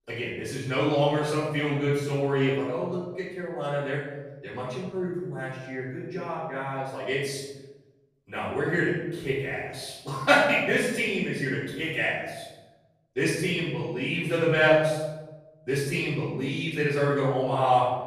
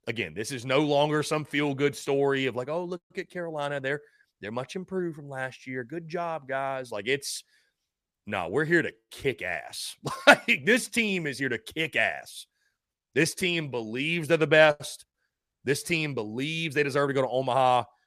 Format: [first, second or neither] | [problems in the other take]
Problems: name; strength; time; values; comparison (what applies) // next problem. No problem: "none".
second | room echo; noticeable; dies away in 1.2 s // off-mic speech; far